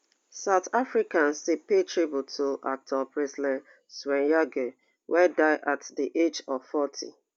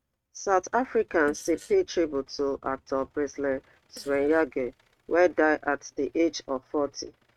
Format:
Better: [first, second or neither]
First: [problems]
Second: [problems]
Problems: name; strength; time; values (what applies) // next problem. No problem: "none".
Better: first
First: none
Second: noise reduction (neural mask model RNNoise)